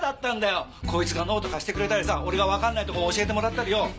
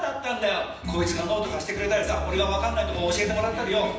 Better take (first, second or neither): first